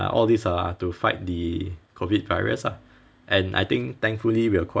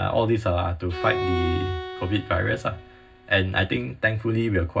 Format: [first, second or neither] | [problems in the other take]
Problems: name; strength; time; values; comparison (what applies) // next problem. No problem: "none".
first | background sound (Bowed string instrument); 8 dB below the speech // room echo; dies away in 0.4 s